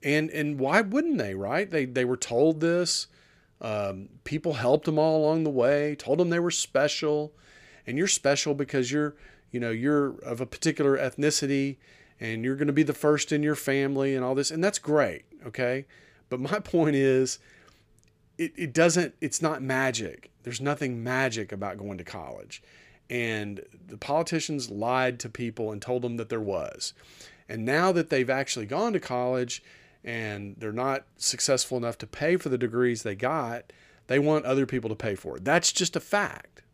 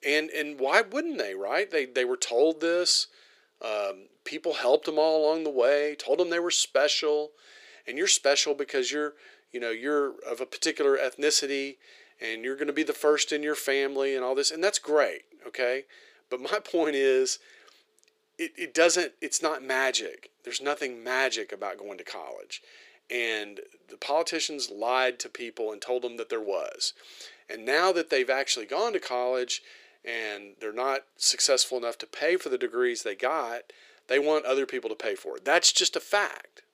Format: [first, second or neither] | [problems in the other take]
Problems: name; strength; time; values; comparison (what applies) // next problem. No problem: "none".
first | thin; somewhat; fading below 400 Hz